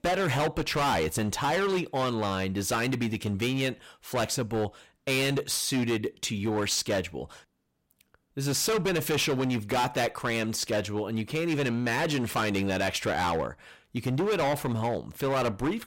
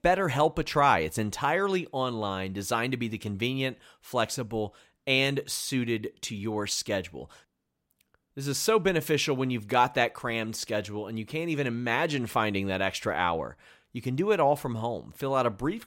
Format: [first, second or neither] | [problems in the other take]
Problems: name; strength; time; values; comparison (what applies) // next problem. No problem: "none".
second | distortion; heavy; 18% of the sound clipped